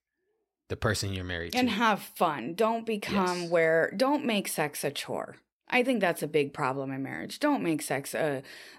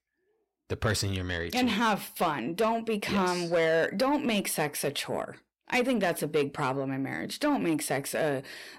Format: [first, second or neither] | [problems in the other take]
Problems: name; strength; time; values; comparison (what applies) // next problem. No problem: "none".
first | distortion; slight; 10 dB below the speech